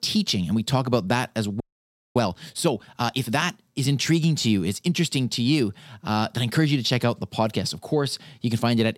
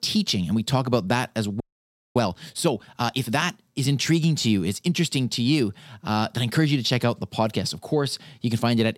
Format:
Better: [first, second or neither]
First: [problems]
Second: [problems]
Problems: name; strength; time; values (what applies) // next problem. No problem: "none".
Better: neither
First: audio freezing; at 1.5 s for 0.5 s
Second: audio freezing; at 1.5 s for 0.5 s